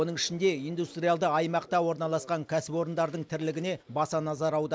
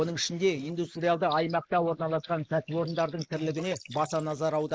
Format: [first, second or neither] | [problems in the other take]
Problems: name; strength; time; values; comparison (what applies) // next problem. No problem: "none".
first | noise reduction (neural mask model Resemble Enhance denoiser)